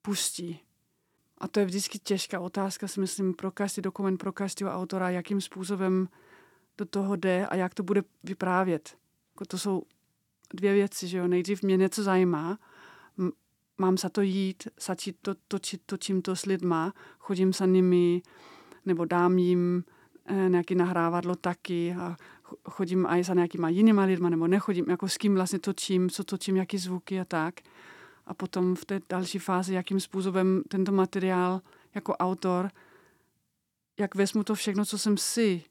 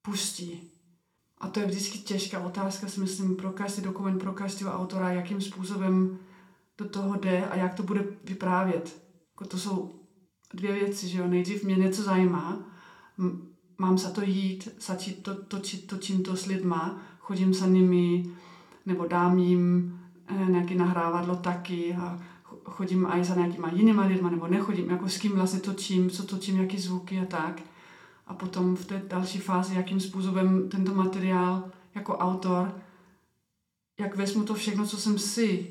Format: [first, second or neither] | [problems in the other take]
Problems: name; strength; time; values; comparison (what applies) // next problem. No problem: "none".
first | room echo; very slight; dies away in 0.4 s // off-mic speech; somewhat distant